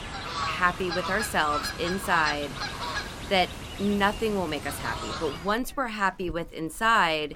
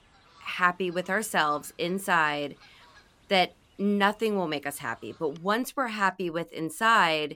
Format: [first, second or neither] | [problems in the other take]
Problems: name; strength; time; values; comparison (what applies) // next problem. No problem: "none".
second | animal sounds; loud; throughout; 6 dB below the speech; faint in the second